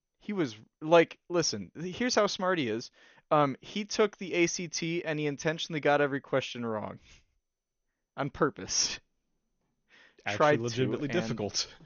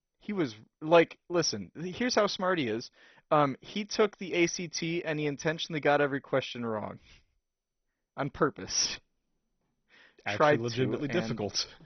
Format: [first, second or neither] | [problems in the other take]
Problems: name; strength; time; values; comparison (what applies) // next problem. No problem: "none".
first | garbled, watery; badly; nothing above 6 kHz; slightly in the first